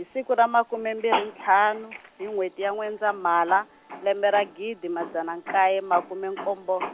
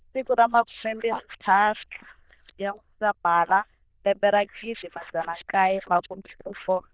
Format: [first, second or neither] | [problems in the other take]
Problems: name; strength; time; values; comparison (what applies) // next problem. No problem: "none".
first | noise reduction (neural diffusion model UNIVERSE++)